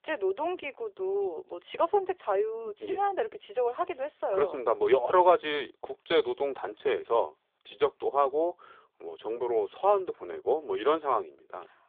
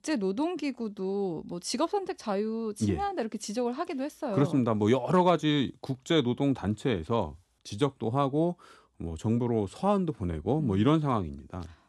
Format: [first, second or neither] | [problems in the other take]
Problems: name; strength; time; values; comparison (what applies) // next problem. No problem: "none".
second | phone-call audio; nothing above 3.5 kHz